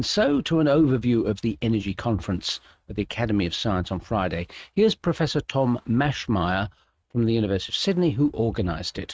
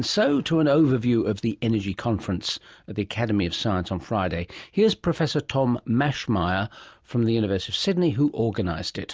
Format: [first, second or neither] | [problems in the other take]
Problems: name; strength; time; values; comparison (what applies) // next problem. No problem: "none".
second | noise reduction (neural mask model RNNoise)